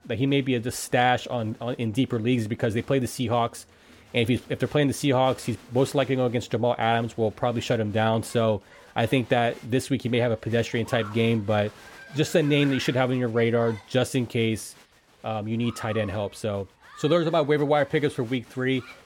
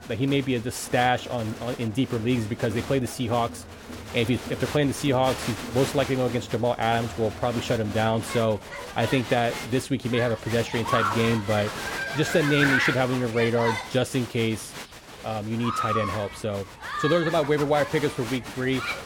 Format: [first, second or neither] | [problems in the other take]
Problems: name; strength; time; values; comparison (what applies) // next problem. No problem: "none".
first | crowd noise; loud; throughout; 6 dB below the speech; faint in the first